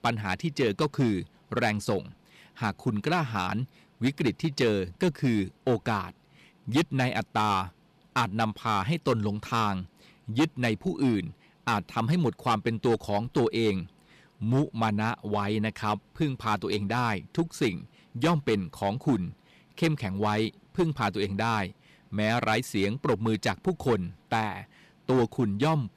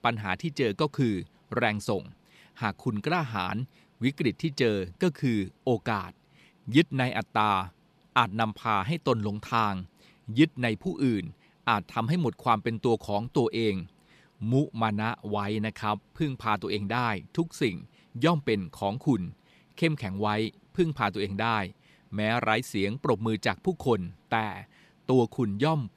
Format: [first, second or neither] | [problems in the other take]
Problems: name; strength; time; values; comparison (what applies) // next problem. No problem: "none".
second | distortion; slight; 4% of the sound clipped